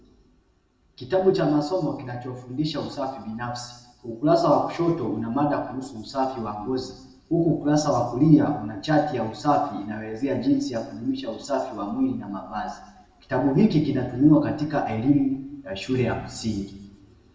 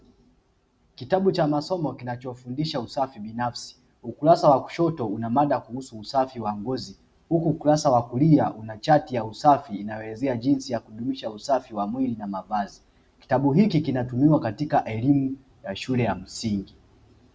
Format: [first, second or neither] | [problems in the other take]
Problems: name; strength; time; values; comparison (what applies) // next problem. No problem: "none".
second | room echo; dies away in 1 s